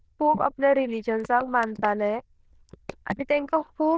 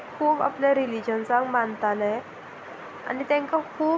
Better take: second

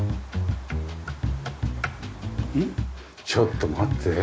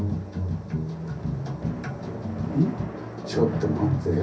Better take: first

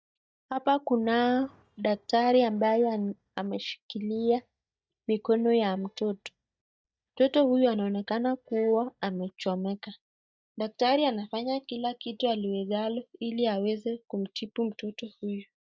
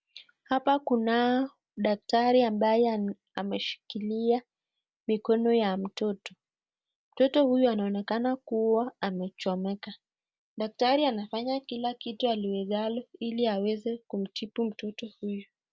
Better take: second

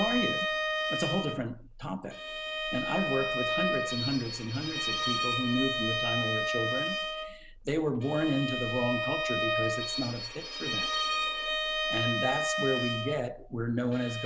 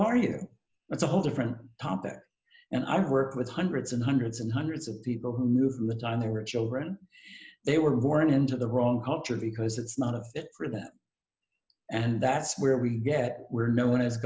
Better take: second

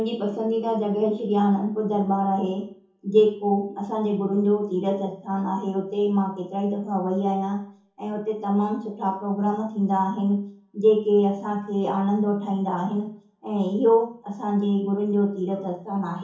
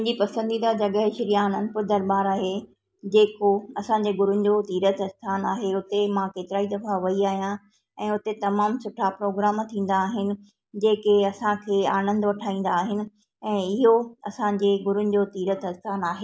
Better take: second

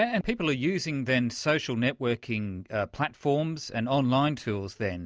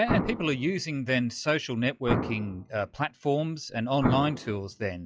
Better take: first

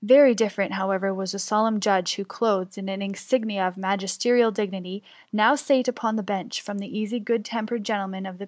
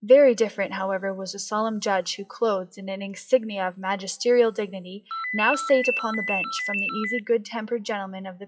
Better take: first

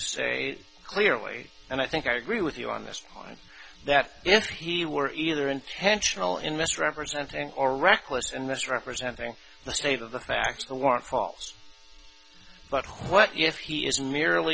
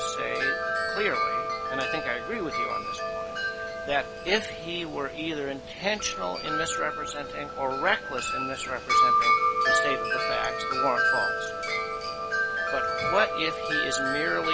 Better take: first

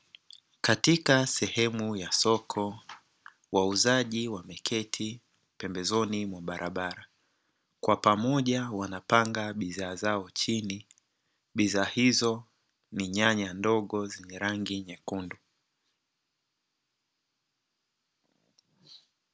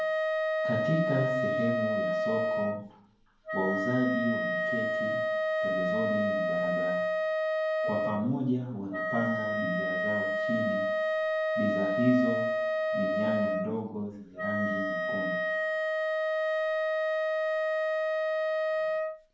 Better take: first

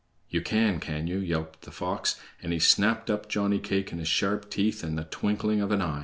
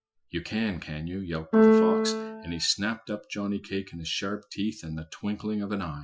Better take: first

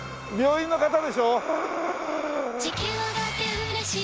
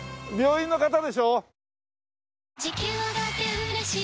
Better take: second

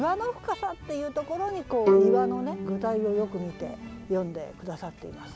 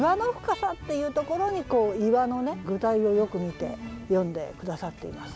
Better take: second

